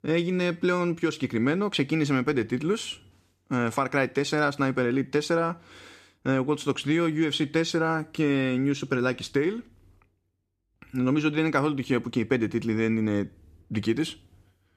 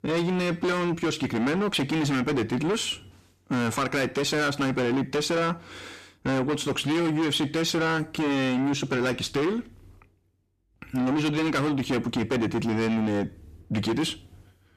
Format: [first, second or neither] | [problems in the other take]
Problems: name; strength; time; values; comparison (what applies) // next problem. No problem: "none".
first | distortion; heavy; 6 dB below the speech